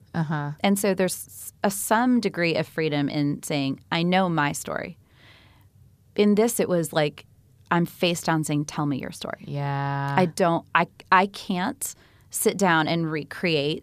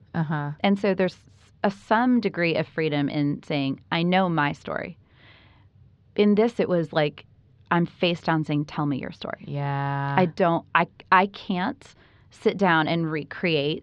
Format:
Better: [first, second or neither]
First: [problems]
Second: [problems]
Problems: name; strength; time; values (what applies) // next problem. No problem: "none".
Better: first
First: none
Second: muffled; slightly; fading above 4 kHz